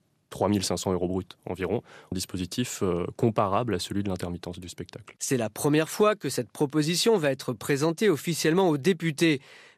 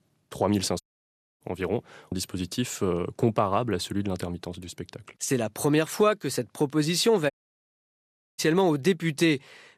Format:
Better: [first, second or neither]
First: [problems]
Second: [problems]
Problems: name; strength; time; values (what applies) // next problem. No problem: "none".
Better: first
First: none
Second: audio cutting out; at 1 s for 0.5 s and at 7.5 s for 1 s